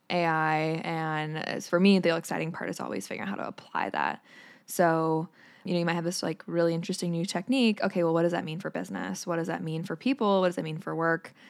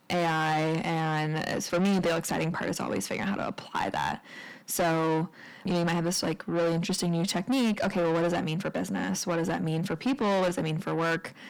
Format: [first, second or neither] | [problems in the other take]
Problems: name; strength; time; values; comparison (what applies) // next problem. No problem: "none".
first | distortion; heavy; 6 dB below the speech